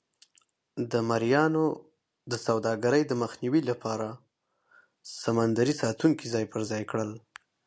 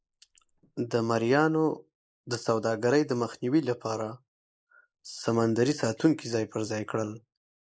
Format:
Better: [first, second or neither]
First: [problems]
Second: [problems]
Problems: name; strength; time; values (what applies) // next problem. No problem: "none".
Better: first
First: none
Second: noise reduction (neural mask model Resemble Enhance denoiser)